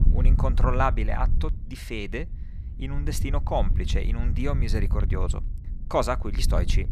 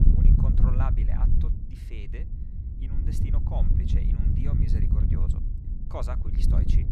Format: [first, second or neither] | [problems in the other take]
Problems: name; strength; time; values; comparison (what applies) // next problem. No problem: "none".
first | wind noise on the microphone; heavy; 2 dB above the speech; occasional gusts in the first